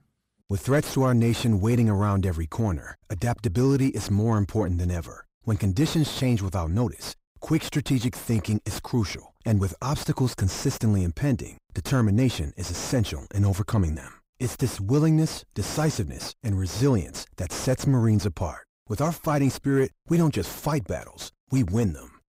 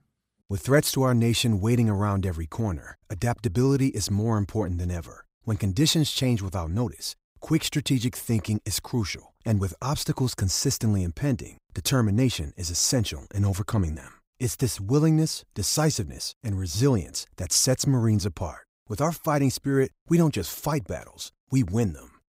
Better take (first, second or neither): second